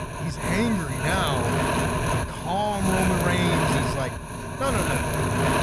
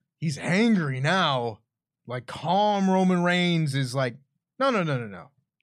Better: second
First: wind noise on the microphone; heavy; 1 dB above the speech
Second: none

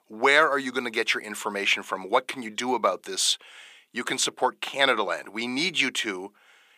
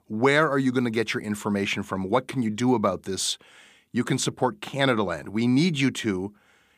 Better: second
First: thin; somewhat; fading below 500 Hz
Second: none

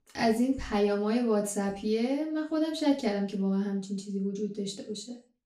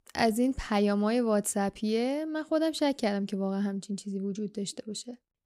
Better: second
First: room echo; slight; dies away in 0.4 s // off-mic speech; far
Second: none

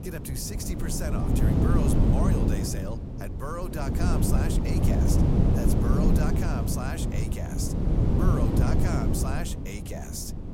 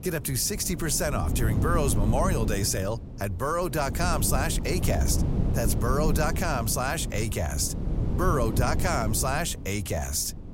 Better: second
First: wind noise on the microphone; heavy; 3 dB above the speech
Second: wind noise on the microphone; occasional gusts; 10 dB below the speech

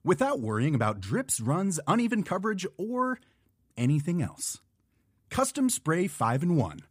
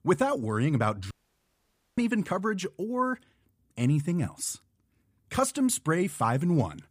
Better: first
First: none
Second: audio cutting out; at 1 s for 1 s

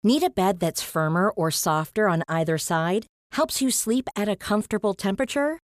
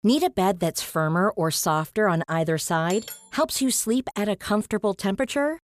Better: first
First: none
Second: clattering dishes; faint; at 3 s; peak 10 dB below the speech

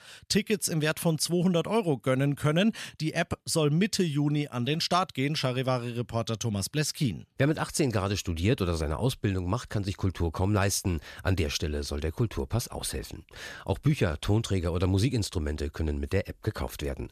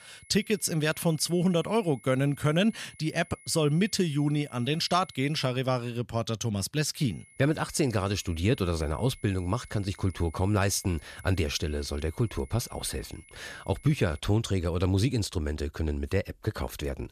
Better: first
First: none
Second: high-pitched whine; faint; until 5.5 s and from 7 to 14 s; 2 kHz, 25 dB below the speech

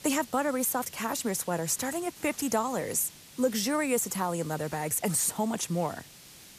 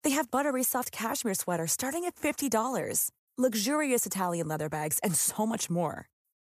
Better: second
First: hiss; noticeable; throughout; 20 dB below the speech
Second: none

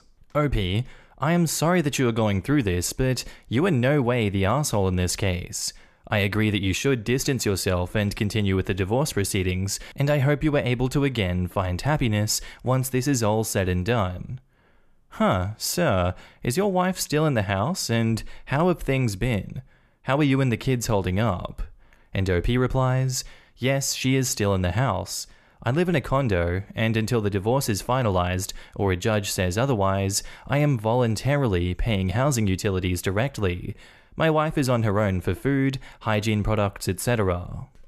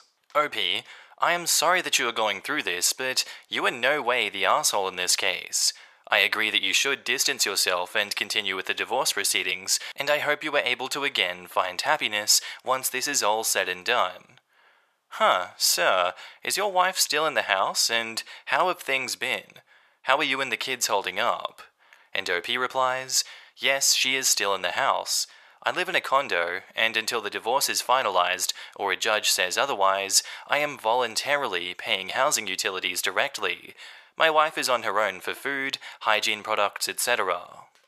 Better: first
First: none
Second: thin; very; fading below 850 Hz

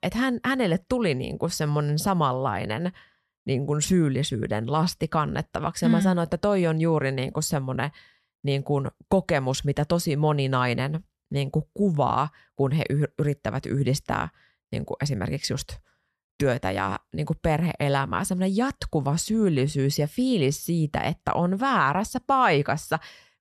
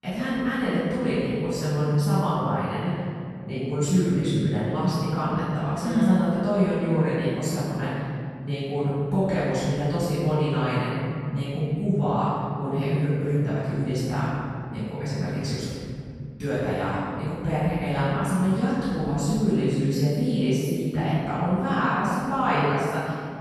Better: first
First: none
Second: room echo; strong; dies away in 2.4 s // off-mic speech; far

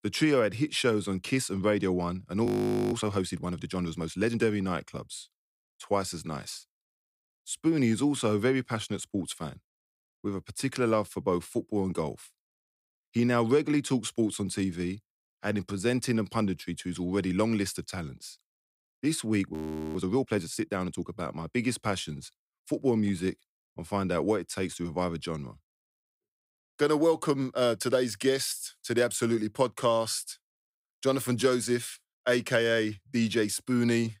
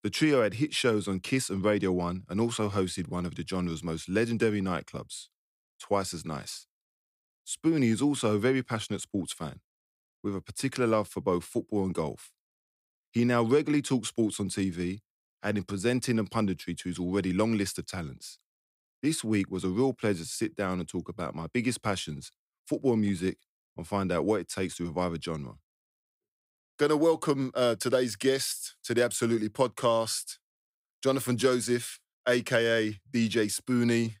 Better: second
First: audio freezing; at 2.5 s and at 20 s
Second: none

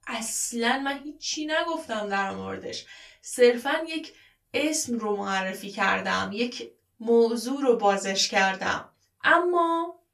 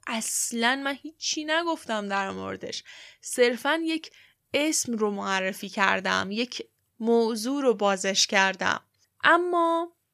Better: second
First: off-mic speech; far // room echo; very slight; dies away in 0.2 s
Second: none

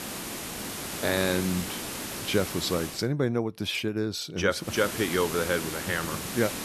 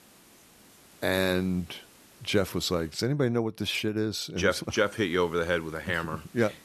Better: second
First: hiss; loud; until 3 s and from 4.5 s on; 5 dB below the speech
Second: hiss; faint; until 3 s and from 4.5 s on; 25 dB below the speech

